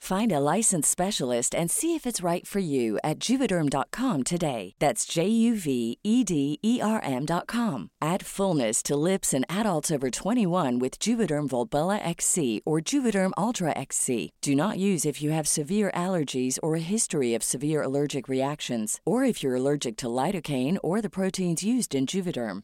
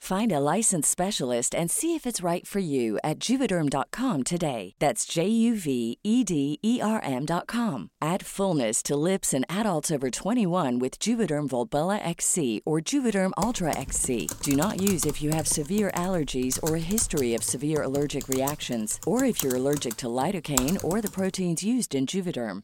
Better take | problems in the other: first | keyboard typing; noticeable; from 13 to 21 s; peak 1 dB below the speech

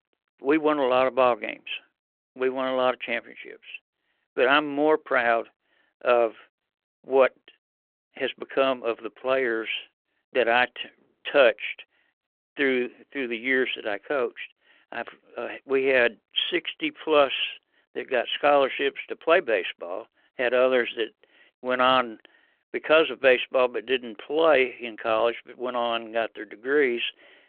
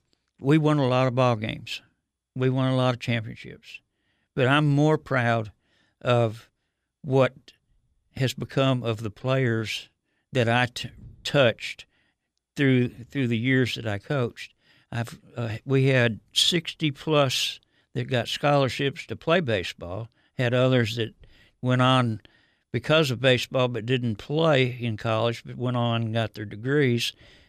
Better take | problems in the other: second | phone-call audio

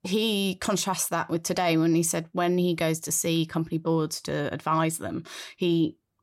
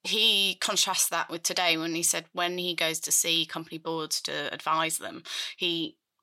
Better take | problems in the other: first | thin; somewhat; fading below 1 kHz

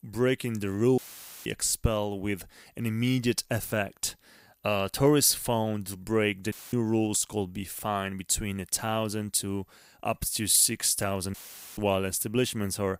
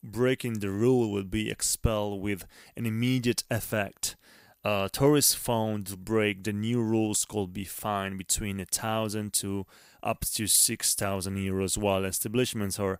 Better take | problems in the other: second | audio cutting out; filled with static; at 1 s, at 6.5 s and at 11 s

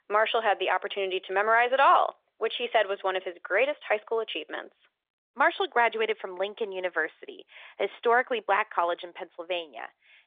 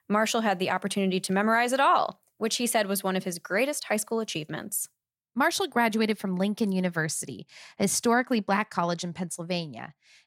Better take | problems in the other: second | phone-call audio

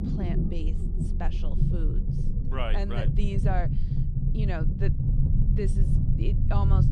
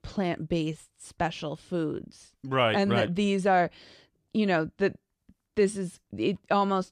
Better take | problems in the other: second | low rumble; loud; throughout; 3 dB below the speech

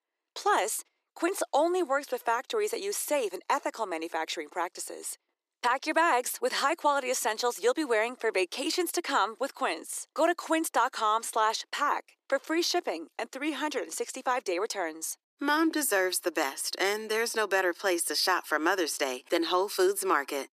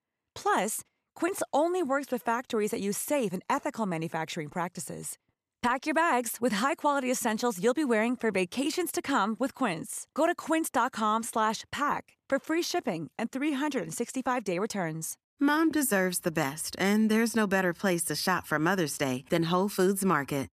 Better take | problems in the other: second | thin; somewhat; fading below 350 Hz

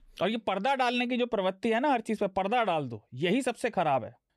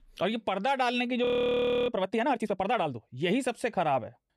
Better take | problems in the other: first | audio freezing; at 1.5 s for 0.5 s

